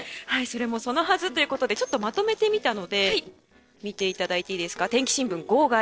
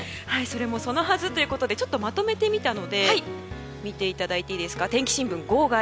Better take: second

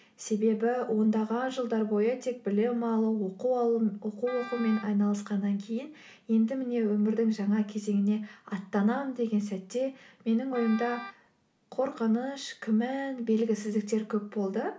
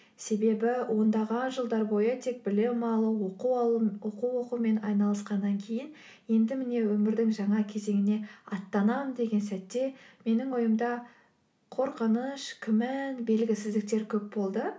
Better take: second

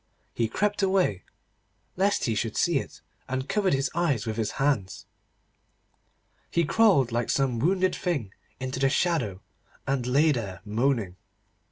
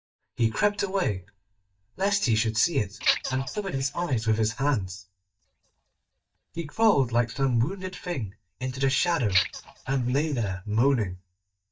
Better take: first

